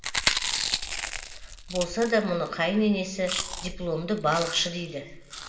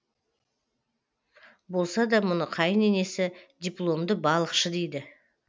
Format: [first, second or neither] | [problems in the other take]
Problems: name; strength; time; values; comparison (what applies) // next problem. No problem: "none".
second | background sound (Chewing, mastication); 4 dB below the speech // room echo; dies away in 0.8 s